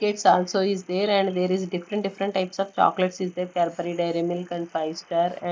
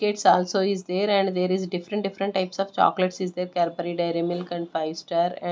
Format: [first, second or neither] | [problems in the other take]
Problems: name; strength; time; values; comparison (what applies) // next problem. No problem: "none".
second | noise reduction (neural mask model Resemble Enhance denoiser)